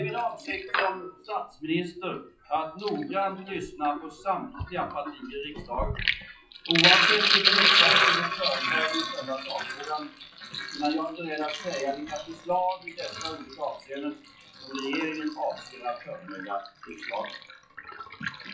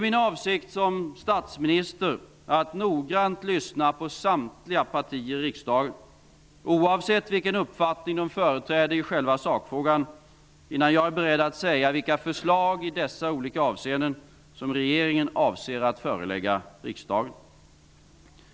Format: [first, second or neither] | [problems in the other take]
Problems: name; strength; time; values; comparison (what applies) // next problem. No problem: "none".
second | noise reduction (classical method WPE with log-MMSE)